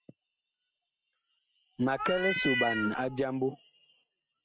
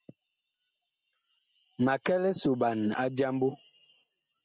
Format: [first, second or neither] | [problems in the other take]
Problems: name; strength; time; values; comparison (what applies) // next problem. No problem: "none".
second | background sound (Meow); as loud as the speech